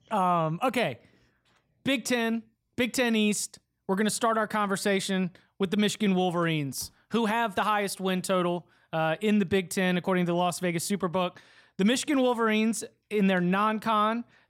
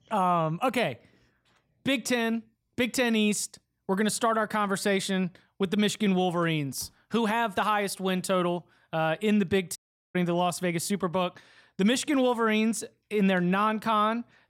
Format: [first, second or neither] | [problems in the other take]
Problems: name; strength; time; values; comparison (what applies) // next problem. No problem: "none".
first | audio cutting out; at 10 s